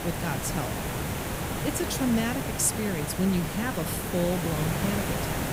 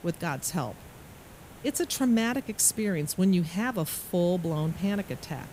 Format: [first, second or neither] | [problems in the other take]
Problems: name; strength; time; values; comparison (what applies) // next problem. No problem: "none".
second | hiss; loud; throughout; 2 dB below the speech; faint in the second